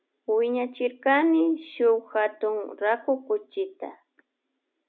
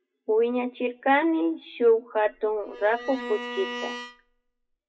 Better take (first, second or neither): first